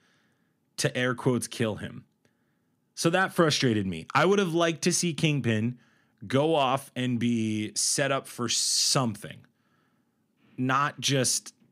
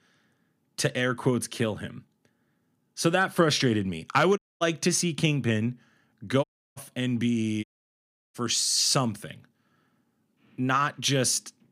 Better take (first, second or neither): first